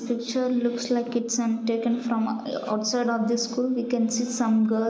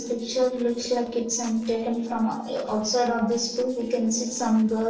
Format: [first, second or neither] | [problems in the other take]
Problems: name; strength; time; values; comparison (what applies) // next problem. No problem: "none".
first | noise reduction (neural separator model SepFormer DNS4)